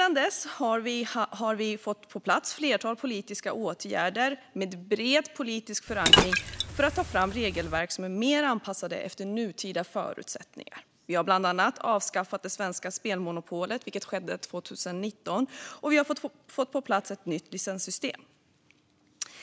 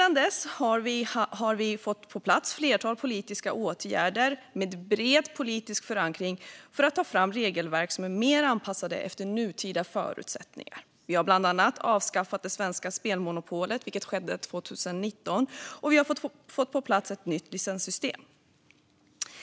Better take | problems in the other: second | background sound (Liquid); 3 dB above the speech

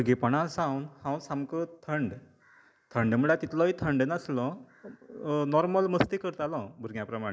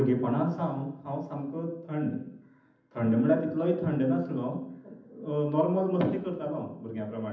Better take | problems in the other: first | room echo; dies away in 0.8 s

